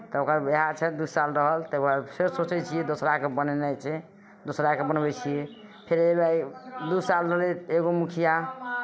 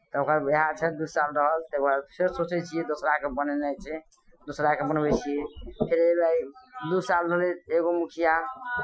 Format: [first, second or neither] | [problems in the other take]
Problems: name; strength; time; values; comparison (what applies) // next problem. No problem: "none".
first | noise reduction (classical method Wiener filter)